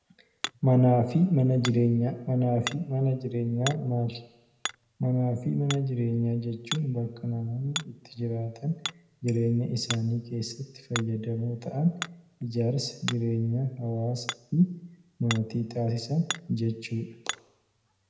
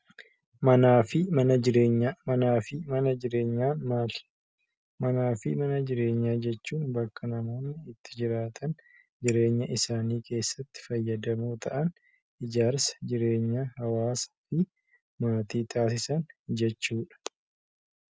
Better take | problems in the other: second | background sound (Hammer); 14 dB below the speech // room echo; dies away in 0.7 s

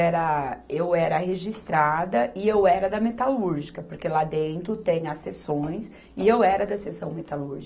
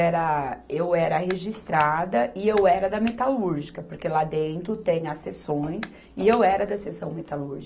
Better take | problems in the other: first | background sound (Clapping); 18 dB below the speech

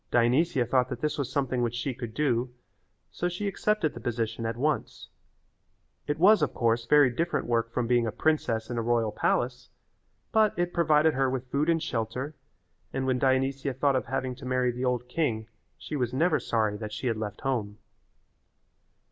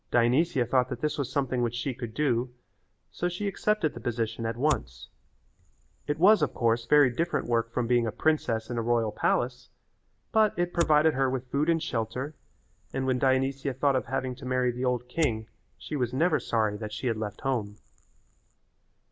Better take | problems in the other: first | background sound (Fire); 18 dB below the speech

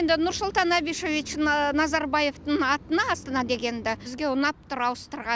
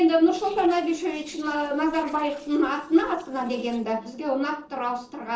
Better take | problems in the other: first | noise reduction (neural separator model SepFormer DNS4)

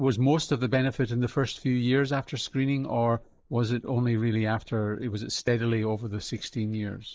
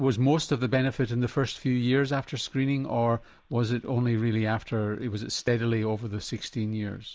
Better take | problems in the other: second | noise reduction (neural mask model Resemble Enhance denoiser)

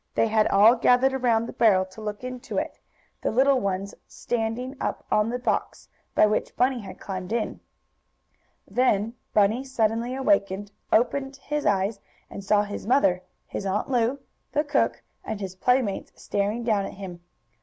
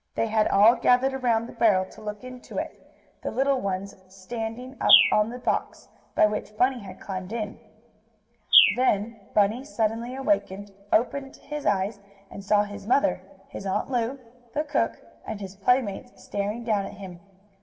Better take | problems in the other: first | background sound (Bird); 1 dB below the speech // room echo; dies away in 0.9 s

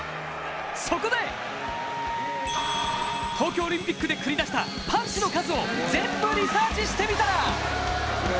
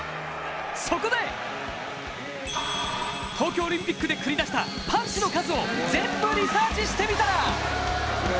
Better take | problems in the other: second | background sound (Wind instrument, woodwind instrument); 8 dB below the speech

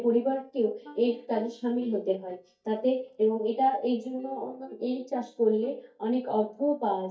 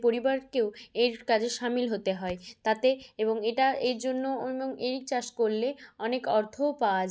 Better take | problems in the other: second | noise reduction (neural mask model DeepFilterNet 3)

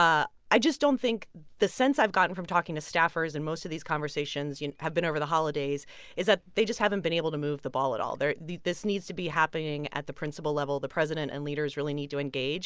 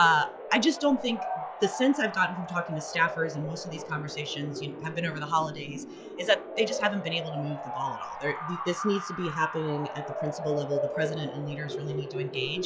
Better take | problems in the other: first | noise reduction (classical method log-MMSE)

